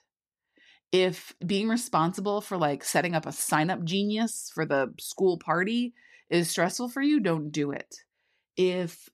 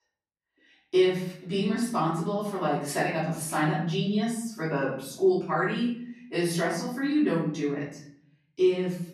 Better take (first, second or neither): first